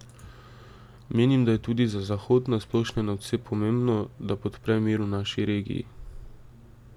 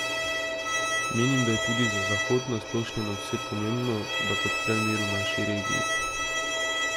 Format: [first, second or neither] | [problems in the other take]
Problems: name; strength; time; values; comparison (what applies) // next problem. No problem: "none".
first | background sound (Bowed string instrument); 2 dB above the speech